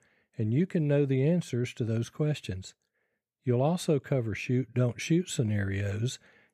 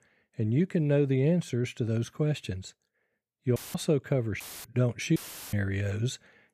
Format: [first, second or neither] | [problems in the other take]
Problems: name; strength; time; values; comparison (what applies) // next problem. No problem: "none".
first | audio cutting out; filled with static; at 3.5 s, at 4.5 s and at 5 s